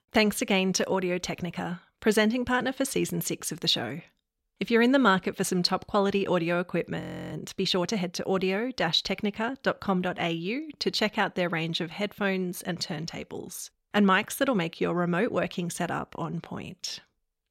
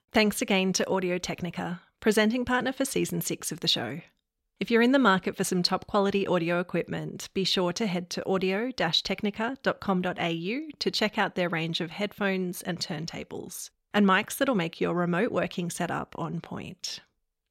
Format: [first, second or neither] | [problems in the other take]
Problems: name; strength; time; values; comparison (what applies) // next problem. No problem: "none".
second | audio freezing; at 7 s